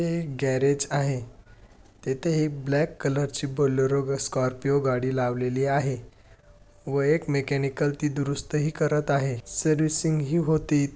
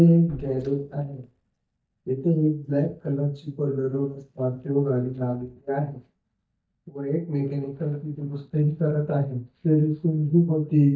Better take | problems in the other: first | noise reduction (neural mask model DeepFilterNet 3)

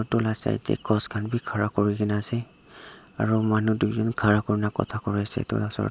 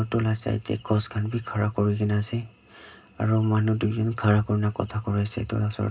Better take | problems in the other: first | room echo; dies away in 0.2 s

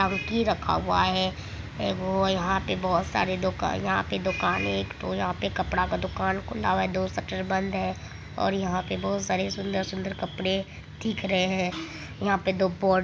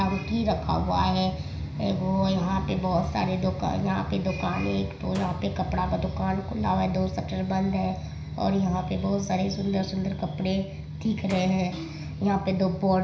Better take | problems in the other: first | background sound (Slam); 20 dB below the speech // room echo; dies away in 0.5 s

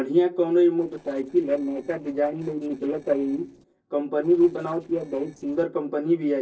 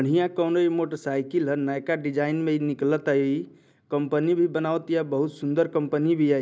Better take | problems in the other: second | noise reduction (neural separator model SepFormer DNS4)

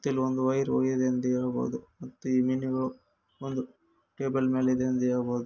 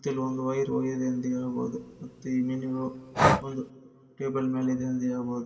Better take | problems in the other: first | background sound (Breathing); 2 dB below the speech // room echo; dies away in 2.8 s

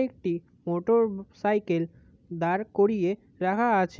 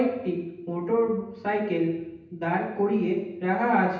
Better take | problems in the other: first | room echo; dies away in 0.9 s

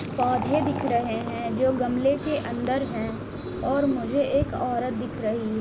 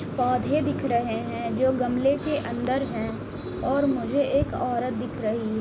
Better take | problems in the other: second | background sound (Fill (with liquid)); 15 dB below the speech

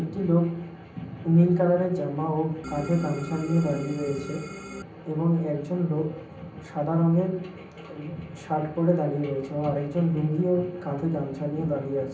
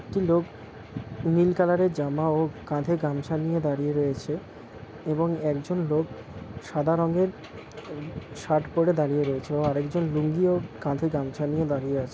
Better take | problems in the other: second | background sound (Organ); 12 dB below the speech // room echo; dies away in 0.6 s

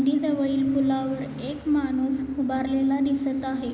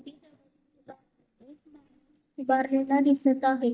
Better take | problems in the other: first | noise reduction (neural mask model DeepFilterNet 3)

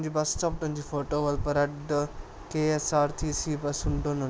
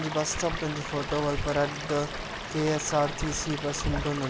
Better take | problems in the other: first | background sound (Stream / Liquid); 7 dB below the speech

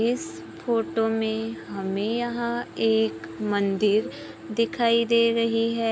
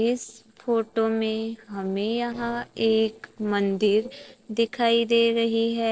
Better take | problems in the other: first | noise reduction (neural separator model SepFormer DNS4)

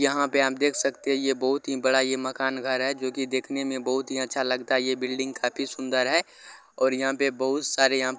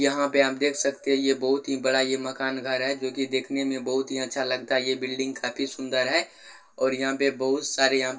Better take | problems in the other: first | room echo; dies away in 0.2 s

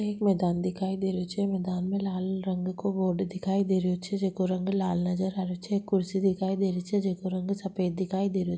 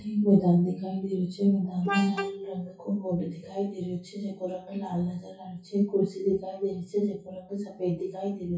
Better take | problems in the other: first | noise reduction (classical method WPE with log-MMSE)

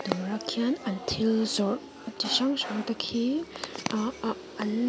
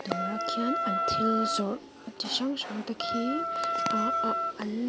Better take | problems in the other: first | background sound (Wind instrument, woodwind instrument); 2 dB above the speech

